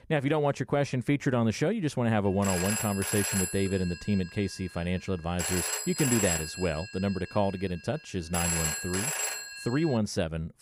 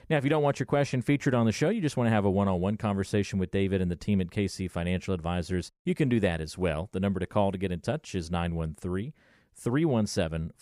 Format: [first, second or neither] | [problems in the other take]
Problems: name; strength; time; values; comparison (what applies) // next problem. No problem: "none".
second | phone ringing; loud; from 2.5 to 10 s; peak 2 dB above the speech